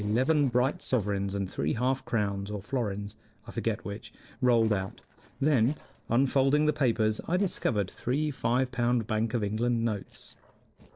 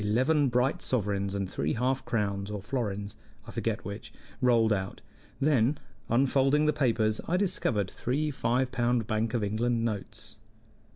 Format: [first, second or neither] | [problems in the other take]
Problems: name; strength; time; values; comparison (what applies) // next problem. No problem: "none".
second | noise reduction (neural separator model SepFormer DNS4)